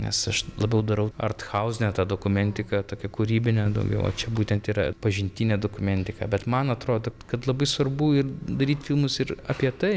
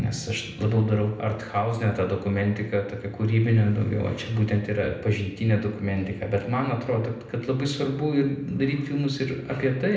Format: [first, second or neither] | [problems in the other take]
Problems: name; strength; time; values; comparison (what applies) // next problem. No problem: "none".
first | room echo; dies away in 0.7 s